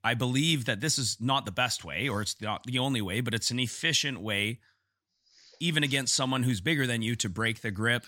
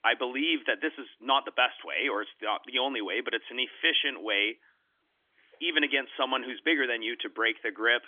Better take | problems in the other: first | phone-call audio; nothing above 3.5 kHz

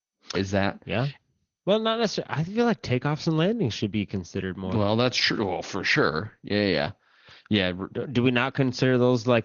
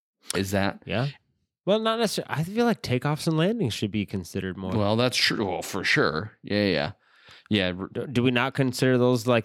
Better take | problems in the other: second | garbled, watery; slightly; nothing above 5.5 kHz

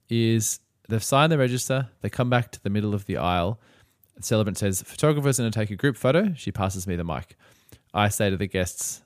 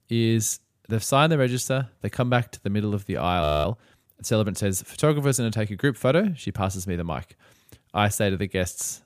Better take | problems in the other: first | audio freezing; at 3.5 s

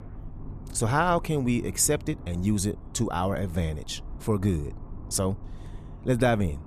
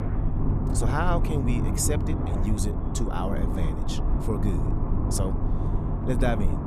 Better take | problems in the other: first | low rumble; loud; throughout; 3 dB below the speech; faint in the first

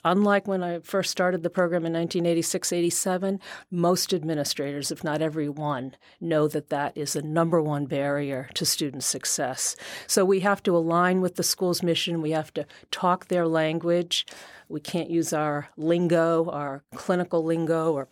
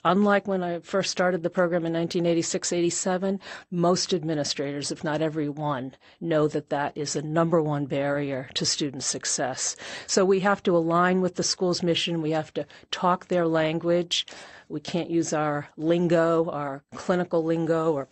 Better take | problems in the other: first | garbled, watery; slightly; nothing above 8 kHz

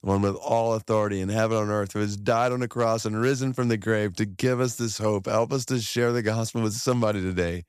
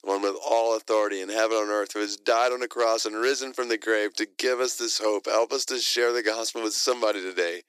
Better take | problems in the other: first | thin; very; fading below 300 Hz

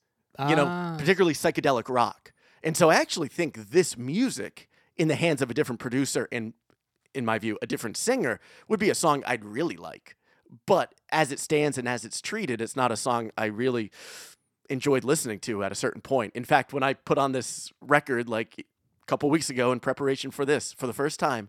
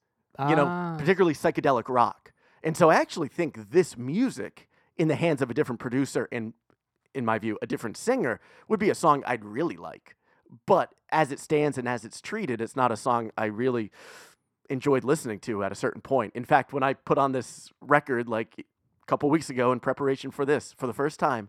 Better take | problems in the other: first | muffled; slightly; fading above 2.5 kHz

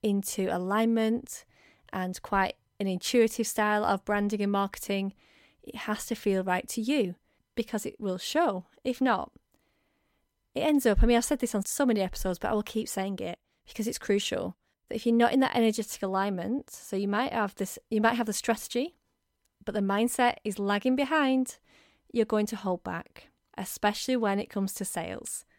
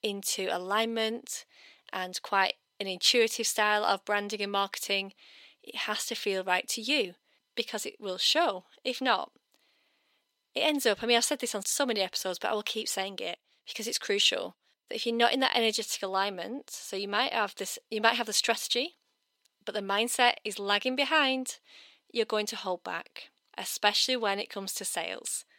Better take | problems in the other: first | thin; somewhat; fading below 400 Hz

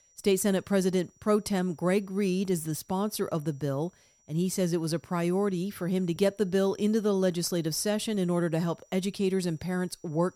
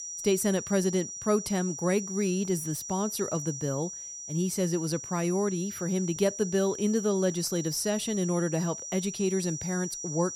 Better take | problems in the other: first | high-pitched whine; loud; throughout; 6 kHz, 7 dB below the speech; faint in the first

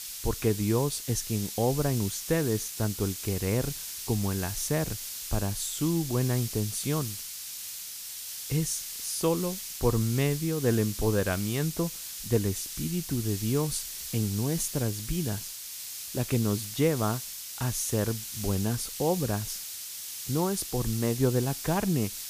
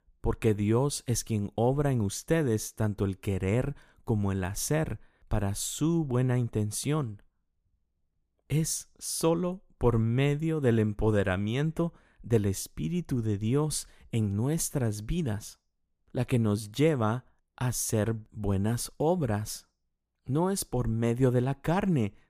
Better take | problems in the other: second | hiss; loud; throughout; 6 dB below the speech

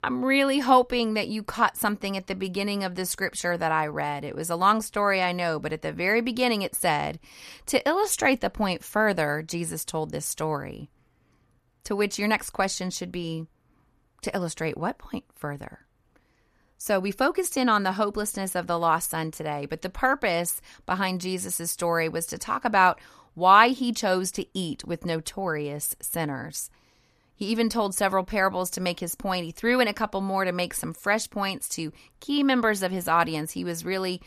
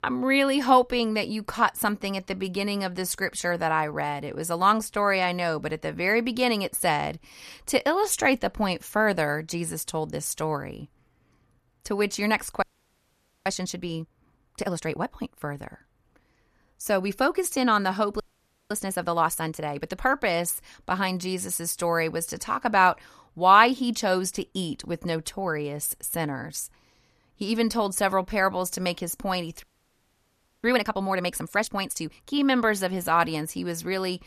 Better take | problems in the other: first | audio freezing; at 13 s for 1 s, at 18 s for 0.5 s and at 30 s for 1 s

